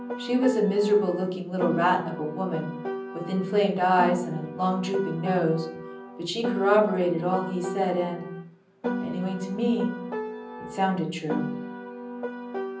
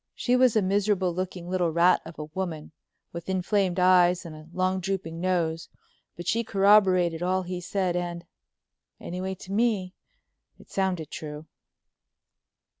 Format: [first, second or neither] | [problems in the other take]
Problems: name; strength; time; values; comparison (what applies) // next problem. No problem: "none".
second | background sound (Piano); 7 dB below the speech // room echo; dies away in 0.6 s